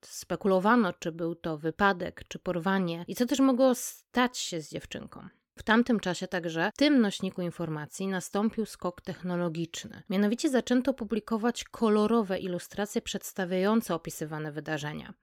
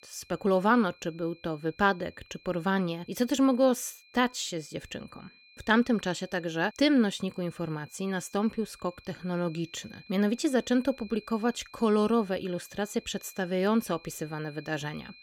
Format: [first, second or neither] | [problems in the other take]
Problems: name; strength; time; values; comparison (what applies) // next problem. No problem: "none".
first | high-pitched whine; faint; throughout; 2.5 kHz, 25 dB below the speech